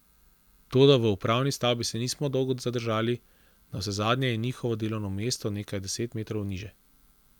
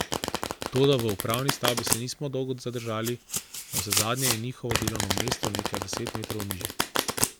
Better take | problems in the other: first | background sound (Domestic sounds, home sounds); as loud as the speech

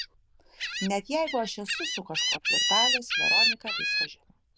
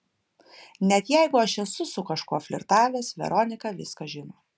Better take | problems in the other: second | noise reduction (neural diffusion model UNIVERSE++)

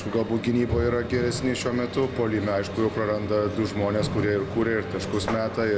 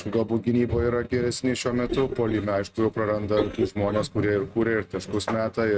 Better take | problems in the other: first | noise reduction (neural mask model RNNoise)

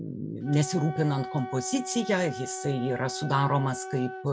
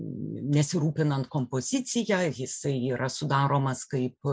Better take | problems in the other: second | background sound (Wind instrument, woodwind instrument); 10 dB below the speech

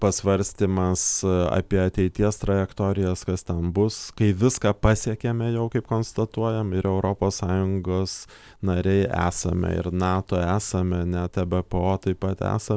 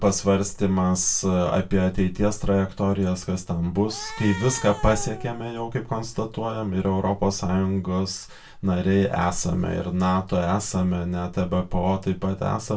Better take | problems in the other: first | background sound (Cat); 14 dB below the speech // room echo; dies away in 0.2 s

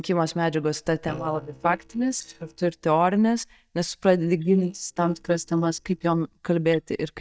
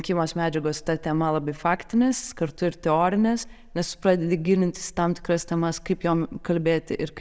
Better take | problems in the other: second | noise reduction (neural mask model DeepFilterNet 3)

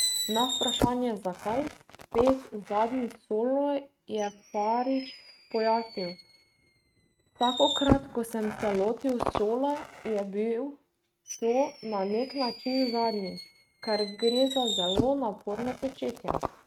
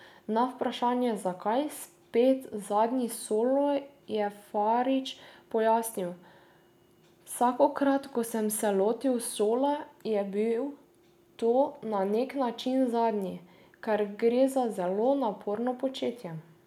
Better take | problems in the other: second | noise reduction (neural mask model RNNoise)

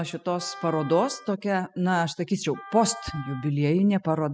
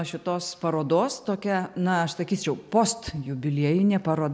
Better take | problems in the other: second | noise reduction (classical method spectral subtraction)

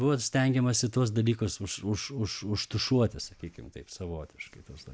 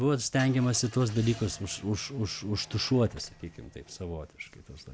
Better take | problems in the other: first | background sound (Engine starting / Car); 20 dB below the speech

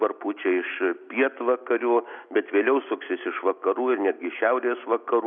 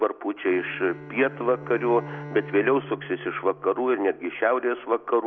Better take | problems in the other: first | background sound (Bowed string instrument); 17 dB below the speech

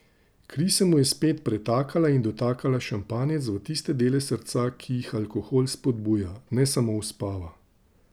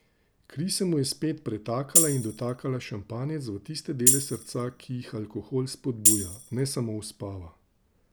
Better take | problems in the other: first | background sound (Tambourine); 4 dB above the speech

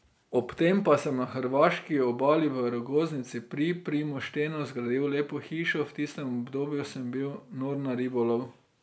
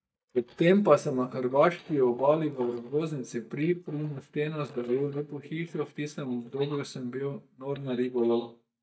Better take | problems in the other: first | noise reduction (neural mask model DeepFilterNet 3)

